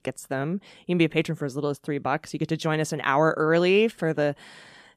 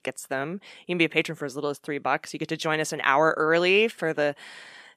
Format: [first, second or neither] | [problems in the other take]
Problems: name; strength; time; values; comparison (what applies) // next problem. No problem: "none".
first | thin; very slightly; fading below 950 Hz